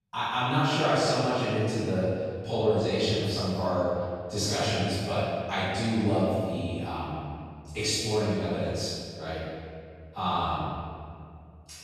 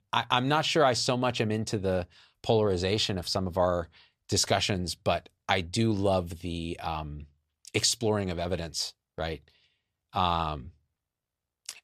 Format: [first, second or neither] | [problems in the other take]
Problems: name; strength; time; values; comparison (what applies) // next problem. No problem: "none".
second | room echo; strong; dies away in 2 s // off-mic speech; far